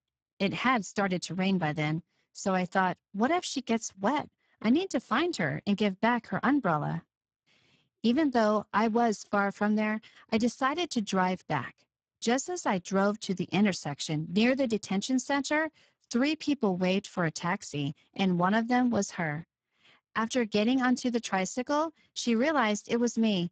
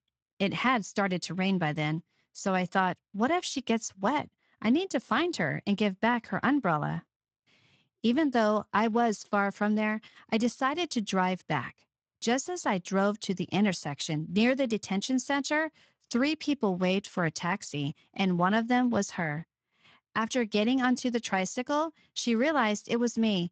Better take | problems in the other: second | garbled, watery; badly; nothing above 7.5 kHz; slightly in the second

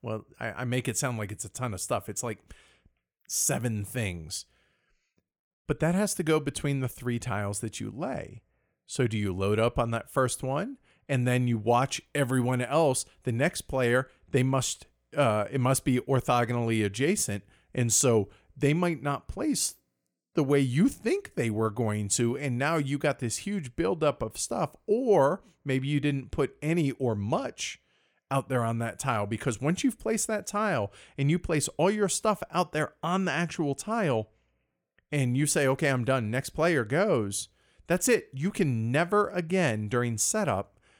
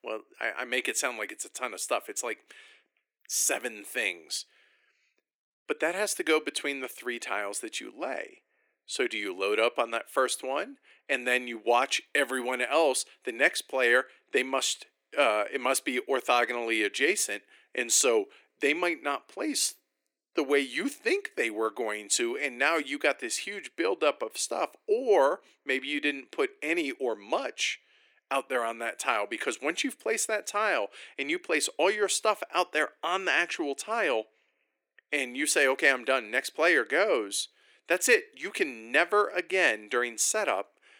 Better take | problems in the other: first | thin; somewhat; fading below 300 Hz

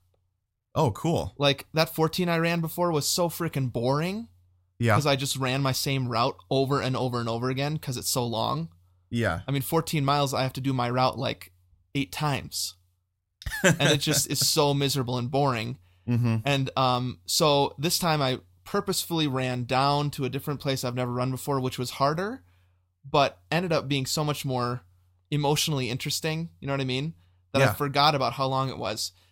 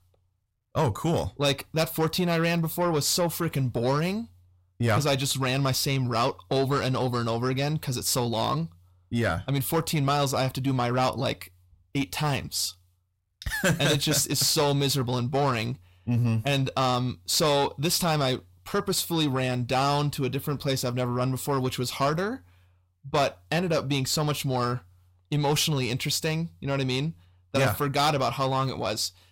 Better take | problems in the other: first | distortion; slight; 10 dB below the speech

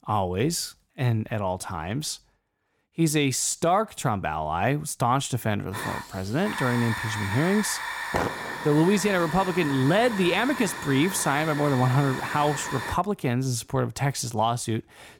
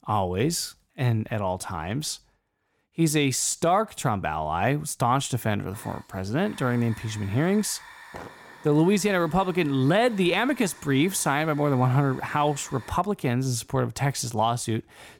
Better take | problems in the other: second | hiss; loud; from 5.5 to 13 s; 7 dB below the speech; faint in the second

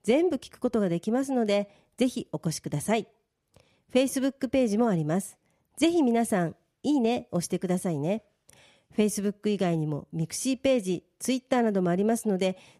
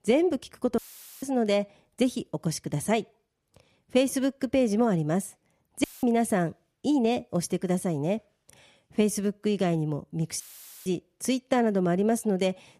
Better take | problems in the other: first | audio cutting out; filled with static; at 1 s, at 6 s and at 10 s

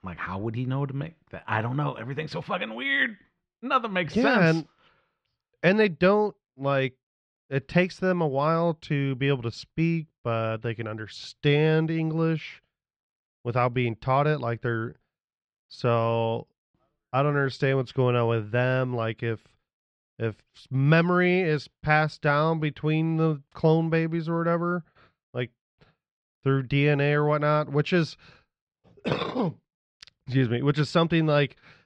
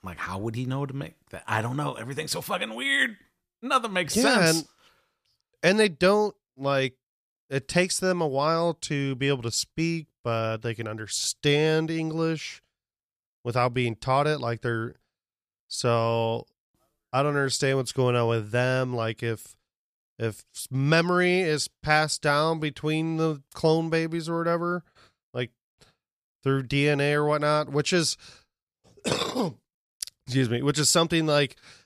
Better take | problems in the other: second | muffled; slightly; fading above 3 kHz

